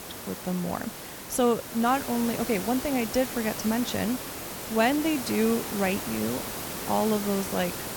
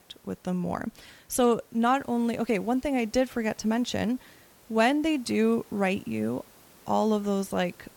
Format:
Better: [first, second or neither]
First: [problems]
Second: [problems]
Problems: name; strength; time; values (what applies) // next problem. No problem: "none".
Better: second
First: hiss; loud; throughout; 6 dB below the speech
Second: hiss; faint; throughout; 25 dB below the speech